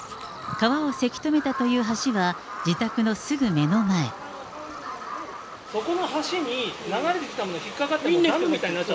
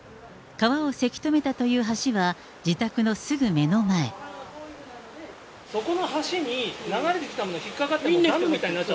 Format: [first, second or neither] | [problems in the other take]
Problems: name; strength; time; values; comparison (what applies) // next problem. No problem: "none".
second | background sound (Bird vocalization, bird call, bird song); 12 dB below the speech